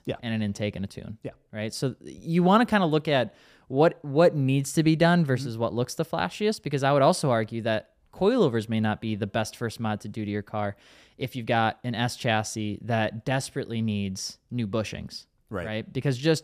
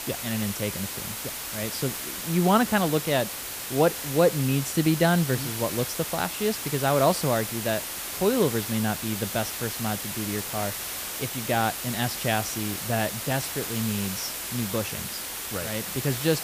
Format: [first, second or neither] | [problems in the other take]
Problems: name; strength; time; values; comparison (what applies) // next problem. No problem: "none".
first | hiss; loud; throughout; 4 dB below the speech